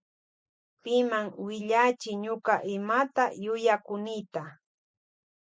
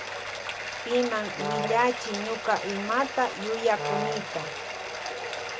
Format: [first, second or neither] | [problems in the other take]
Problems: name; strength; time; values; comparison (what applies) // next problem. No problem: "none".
first | background sound (Bathtub (filling or washing) + Brass instrument); 3 dB below the speech